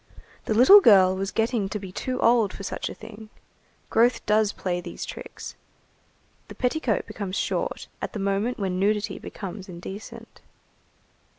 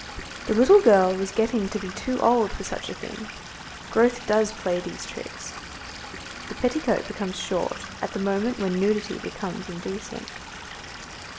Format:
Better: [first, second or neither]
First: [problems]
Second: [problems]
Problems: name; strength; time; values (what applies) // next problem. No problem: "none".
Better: first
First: none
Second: background sound (Stream / Liquid); 13 dB below the speech // room echo; dies away in 0.8 s